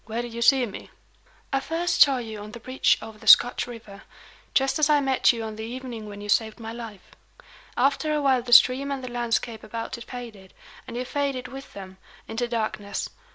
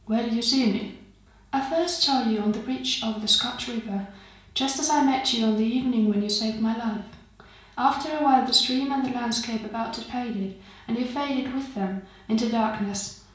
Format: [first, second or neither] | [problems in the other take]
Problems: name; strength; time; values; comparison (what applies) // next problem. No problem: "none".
first | room echo; dies away in 0.6 s